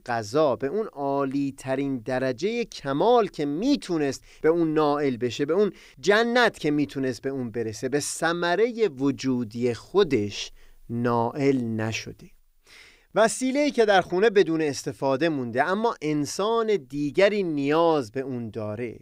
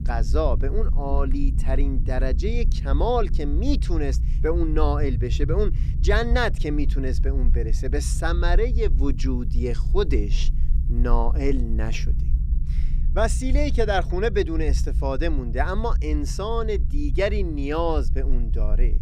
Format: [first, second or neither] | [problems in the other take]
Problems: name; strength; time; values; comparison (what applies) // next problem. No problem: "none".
first | low rumble; noticeable; throughout; 15 dB below the speech